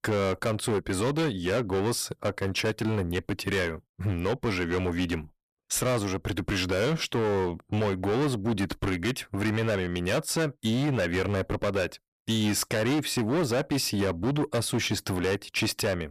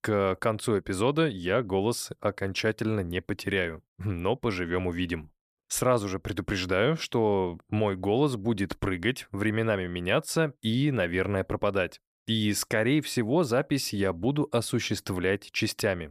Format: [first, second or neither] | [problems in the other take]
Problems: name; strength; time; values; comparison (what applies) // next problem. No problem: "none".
second | distortion; heavy; 18% of the sound clipped